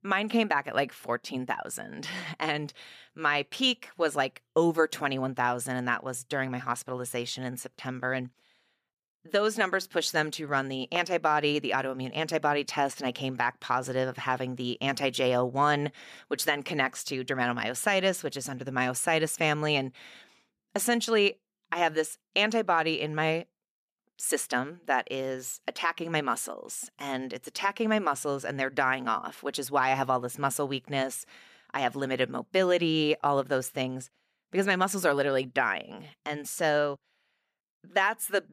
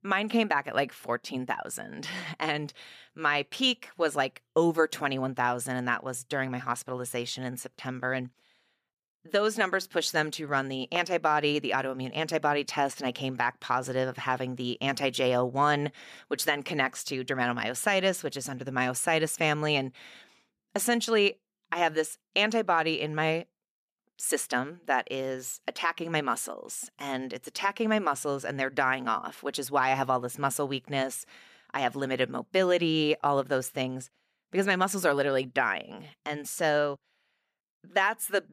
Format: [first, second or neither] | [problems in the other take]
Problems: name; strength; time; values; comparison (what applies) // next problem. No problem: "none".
neither | none